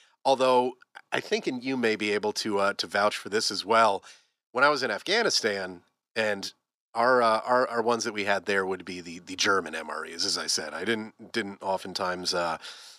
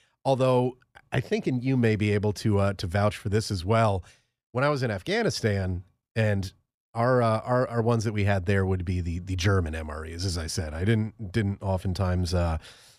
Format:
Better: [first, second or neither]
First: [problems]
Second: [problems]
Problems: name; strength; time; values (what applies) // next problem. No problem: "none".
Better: second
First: thin; somewhat; fading below 250 Hz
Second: none